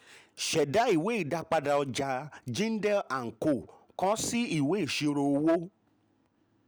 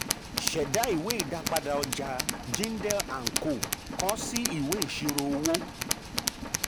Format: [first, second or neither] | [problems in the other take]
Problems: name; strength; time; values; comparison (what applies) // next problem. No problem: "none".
first | background sound (Tools); 1 dB below the speech